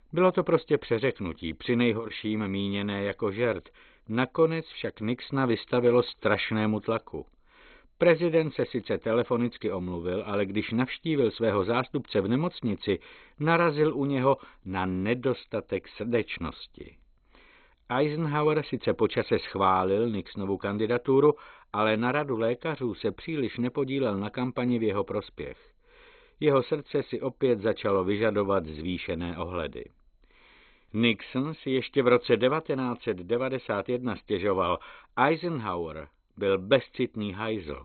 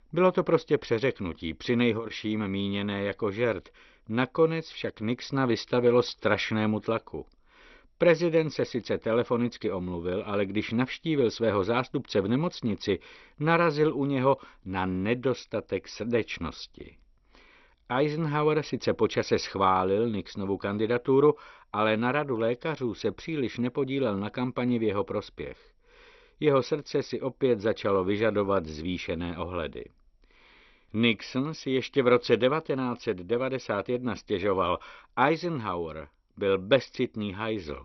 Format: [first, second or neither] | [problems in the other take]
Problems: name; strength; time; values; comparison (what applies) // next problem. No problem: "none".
second | garbled, watery; badly; nothing above 4 kHz; slightly in the second